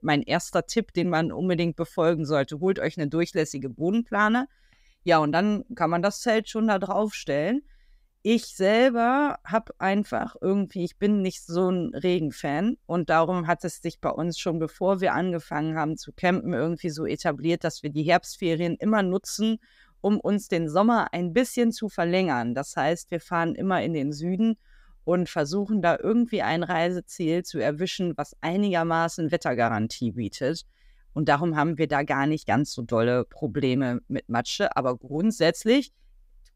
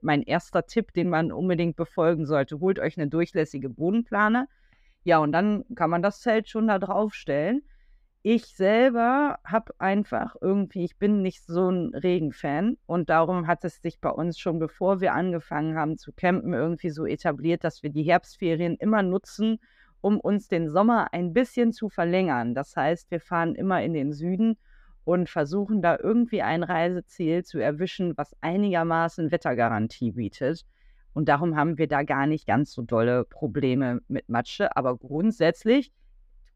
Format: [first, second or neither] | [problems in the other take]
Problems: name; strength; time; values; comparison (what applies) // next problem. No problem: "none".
first | muffled; slightly; fading above 4 kHz